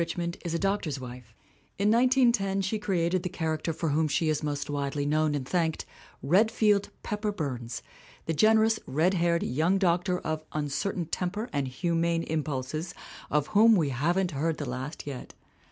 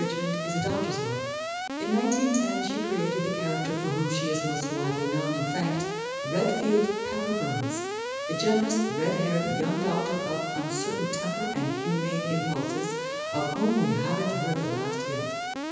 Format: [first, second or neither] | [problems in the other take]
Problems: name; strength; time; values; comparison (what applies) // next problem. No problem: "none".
first | background sound (Alarm); 3 dB below the speech // room echo; dies away in 1.1 s